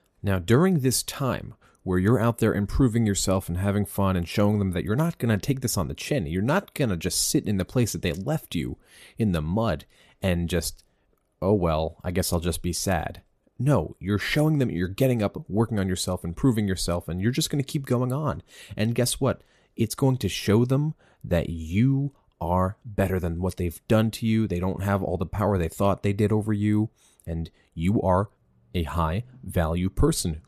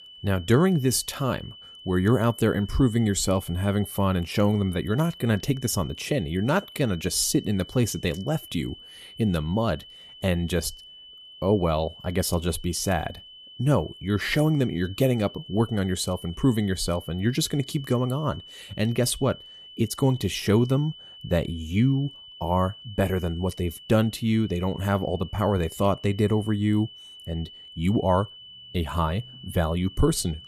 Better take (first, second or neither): first